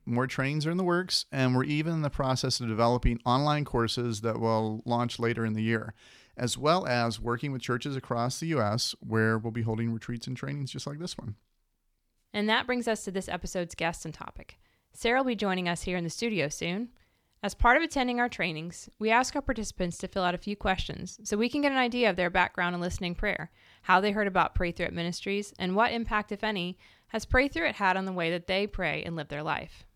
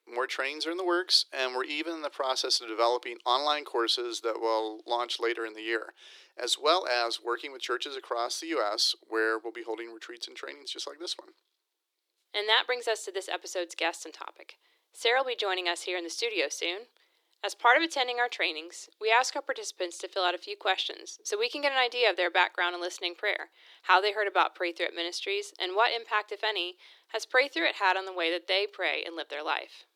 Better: first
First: none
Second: thin; very; fading below 350 Hz

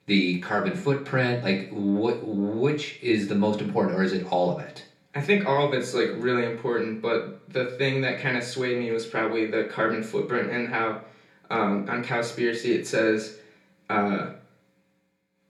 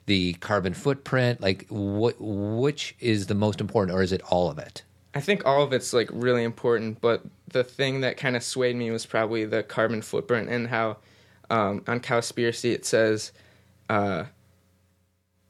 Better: second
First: room echo; slight; dies away in 0.4 s // off-mic speech; far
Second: none

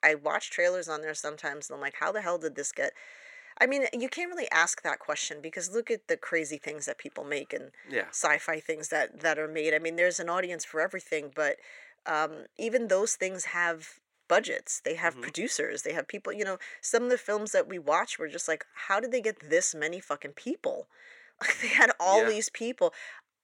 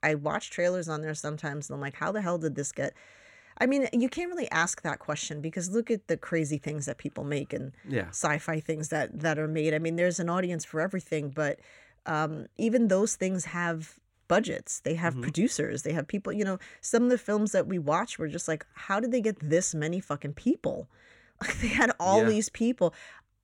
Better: second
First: thin; somewhat; fading below 500 Hz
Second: none

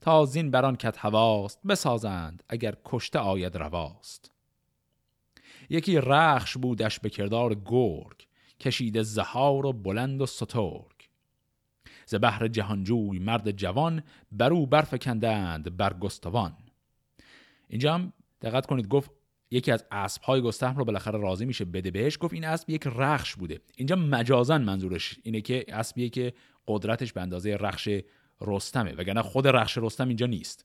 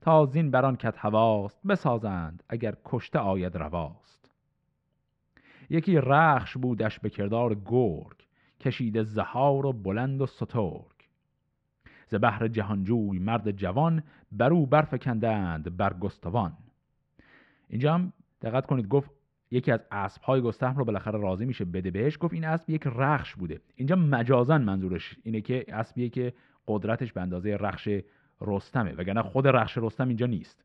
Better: first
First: none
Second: muffled; very; fading above 1.5 kHz

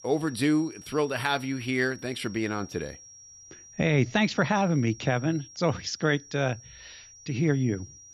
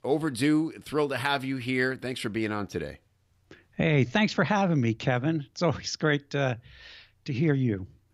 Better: second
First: high-pitched whine; noticeable; throughout; 5.5 kHz, 20 dB below the speech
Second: none

